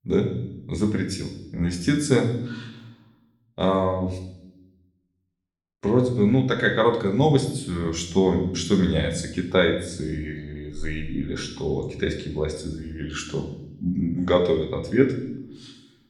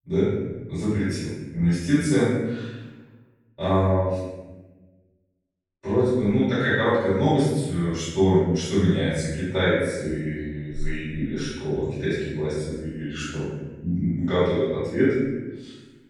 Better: first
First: room echo; slight; dies away in 0.8 s // off-mic speech; somewhat distant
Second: room echo; strong; dies away in 1.1 s // off-mic speech; far

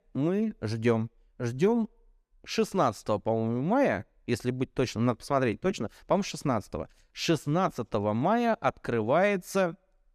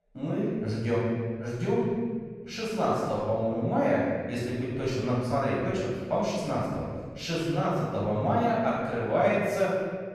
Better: first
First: none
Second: room echo; strong; dies away in 1.5 s // off-mic speech; far

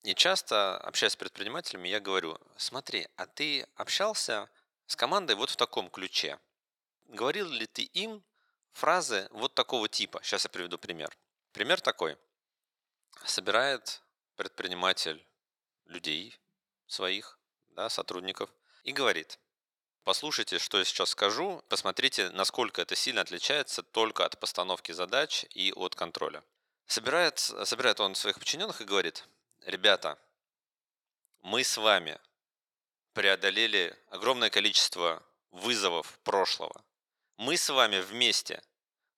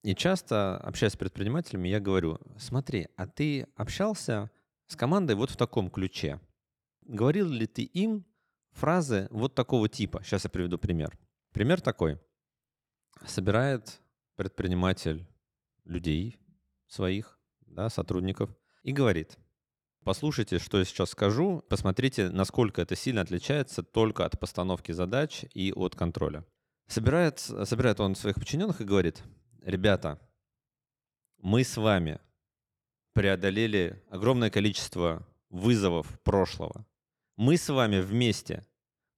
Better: second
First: thin; very; fading below 700 Hz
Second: none

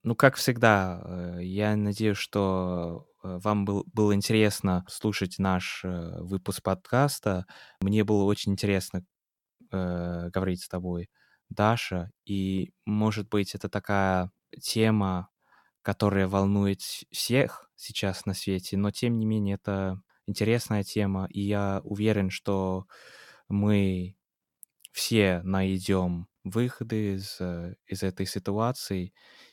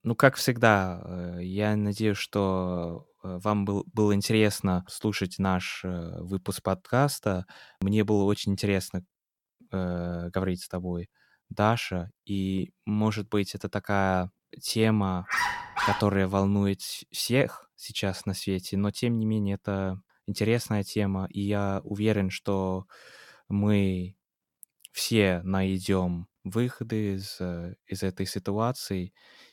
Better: first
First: none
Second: dog barking; loud; at 15 s; peak 1 dB above the speech

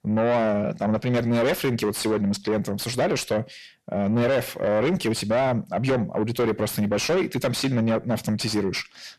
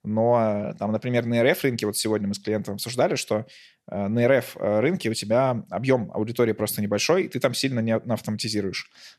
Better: second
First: distortion; heavy; 7 dB below the speech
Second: none

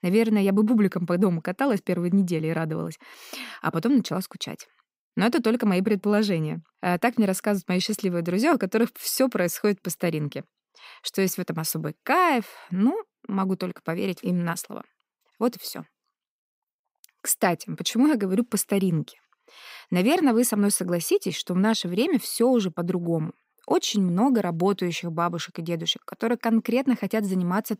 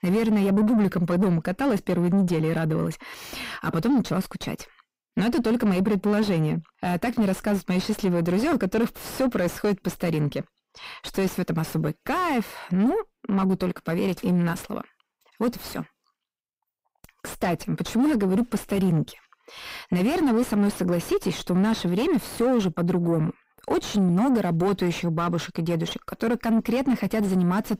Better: first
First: none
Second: distortion; heavy; 7 dB below the speech

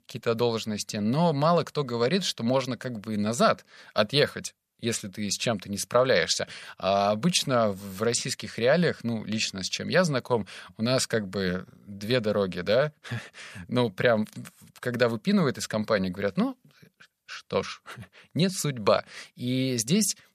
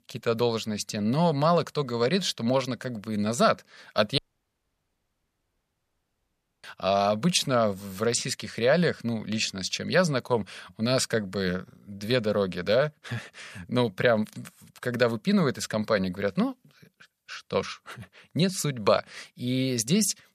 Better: first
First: none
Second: audio cutting out; at 4 s for 2.5 s

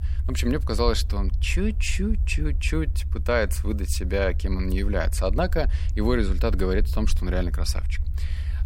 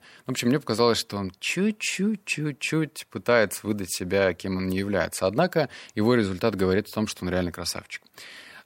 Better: second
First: low rumble; noticeable; throughout; 20 dB below the speech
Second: none

